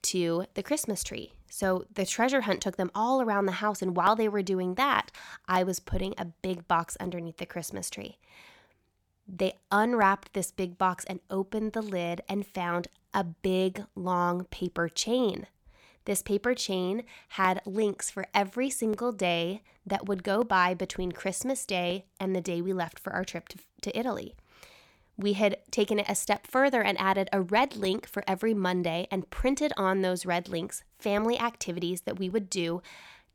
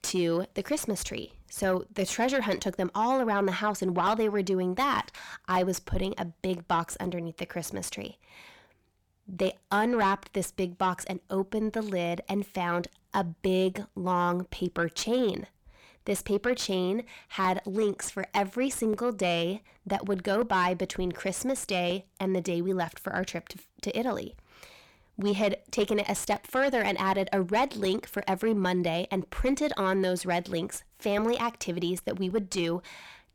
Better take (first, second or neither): first